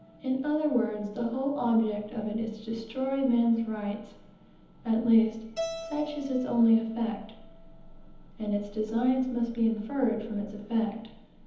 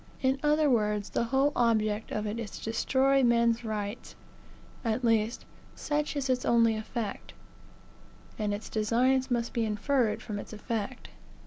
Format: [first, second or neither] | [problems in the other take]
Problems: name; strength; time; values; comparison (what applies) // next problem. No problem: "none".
second | background sound (Keyboard (musical)); 18 dB below the speech // room echo; dies away in 1.3 s